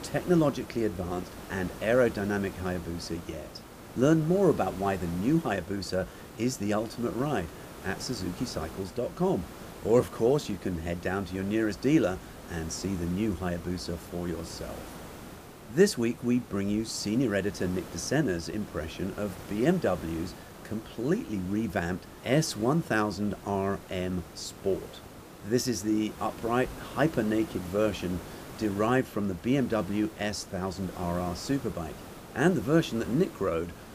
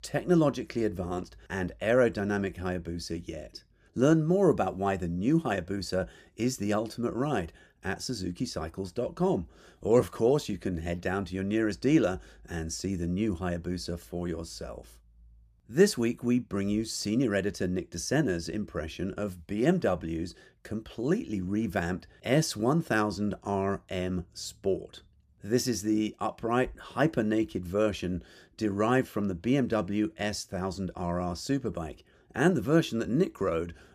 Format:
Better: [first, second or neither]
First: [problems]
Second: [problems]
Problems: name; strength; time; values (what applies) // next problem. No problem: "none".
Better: second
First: hiss; noticeable; throughout; 15 dB below the speech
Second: none